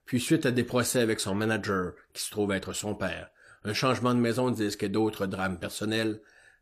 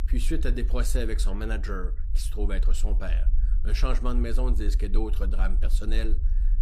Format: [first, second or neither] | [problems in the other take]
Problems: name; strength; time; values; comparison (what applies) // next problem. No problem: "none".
first | low rumble; noticeable; throughout; 15 dB below the speech